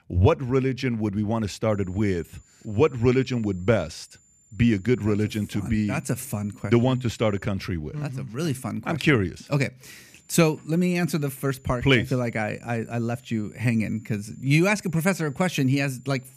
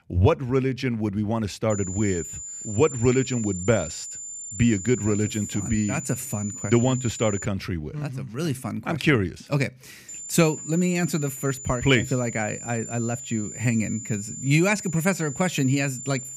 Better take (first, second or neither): first